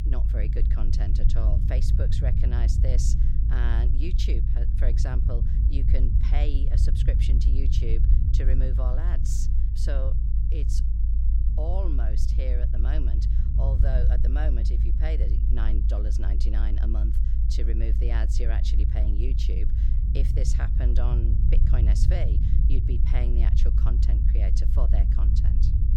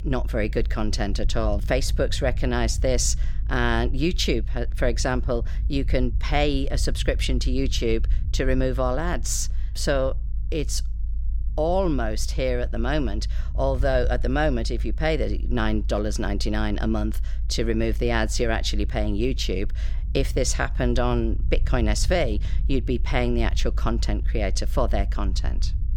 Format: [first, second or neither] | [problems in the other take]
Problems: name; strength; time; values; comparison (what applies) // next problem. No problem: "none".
second | low rumble; loud; throughout; 3 dB below the speech; faint in the second